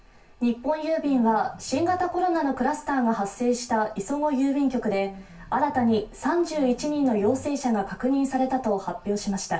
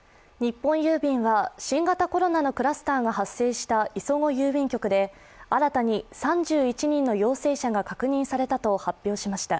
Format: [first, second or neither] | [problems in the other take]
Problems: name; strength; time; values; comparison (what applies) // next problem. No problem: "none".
second | background sound (Bass guitar); 19 dB below the speech // room echo; dies away in 0.3 s